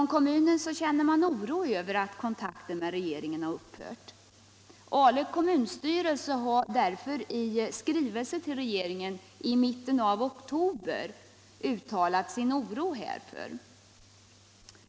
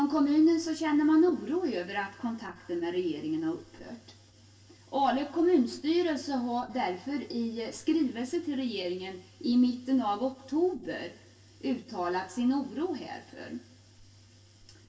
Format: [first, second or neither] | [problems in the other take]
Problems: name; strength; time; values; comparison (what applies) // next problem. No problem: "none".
first | room echo; dies away in 0.2 s